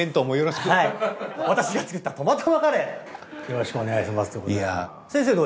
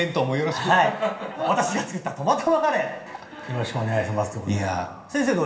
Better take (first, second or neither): first